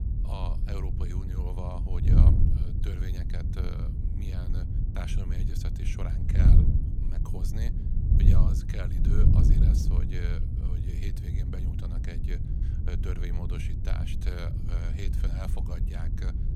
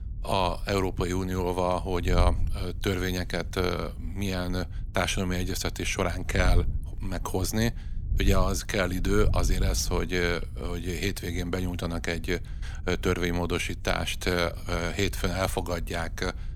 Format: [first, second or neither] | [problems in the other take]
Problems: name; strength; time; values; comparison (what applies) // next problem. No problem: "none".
second | wind noise on the microphone; heavy; 1 dB above the speech; occasional gusts in the second